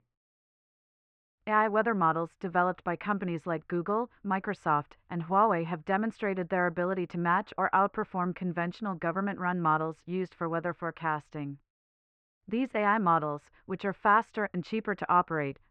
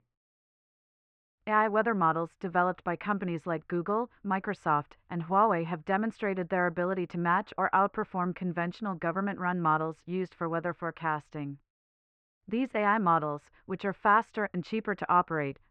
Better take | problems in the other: neither | muffled; very; fading above 2.5 kHz; the same in both

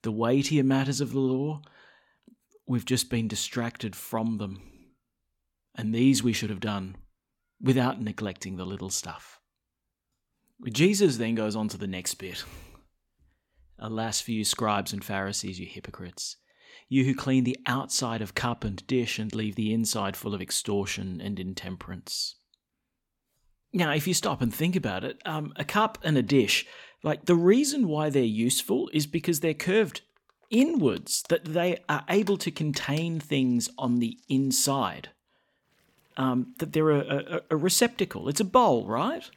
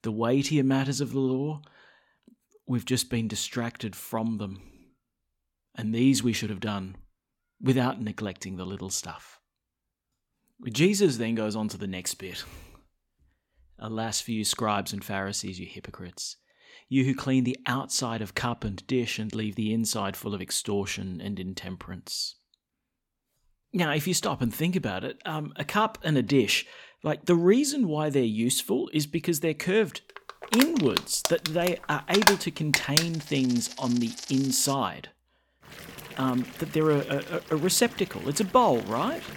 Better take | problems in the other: first | household noises; loud; from 31 s on; 2 dB below the speech; faint in the first

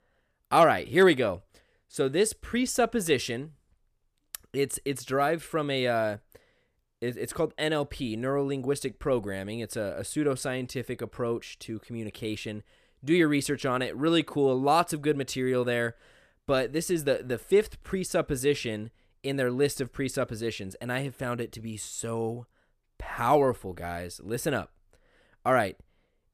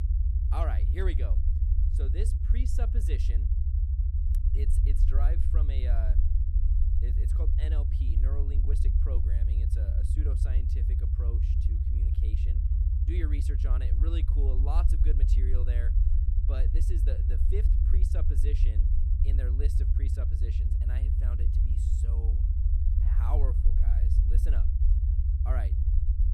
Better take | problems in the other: first | low rumble; loud; throughout; 1 dB below the speech

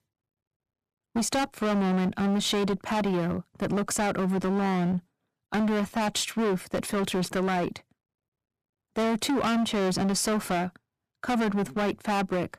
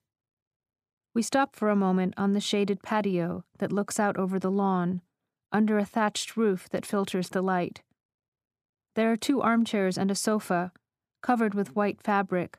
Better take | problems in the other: second | distortion; heavy; 22% of the sound clipped

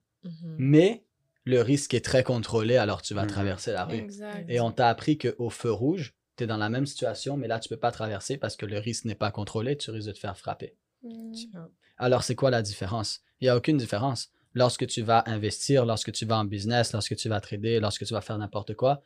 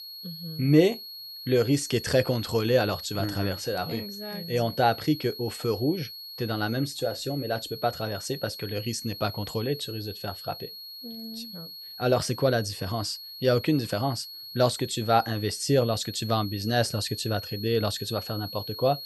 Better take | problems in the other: first | high-pitched whine; noticeable; throughout; 4.5 kHz, 10 dB below the speech

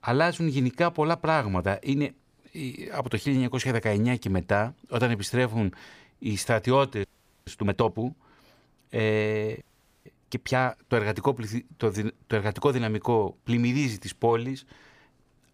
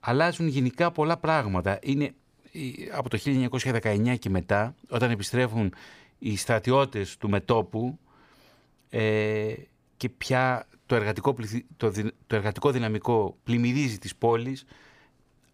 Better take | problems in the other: second | audio freezing; at 7 s and at 9.5 s

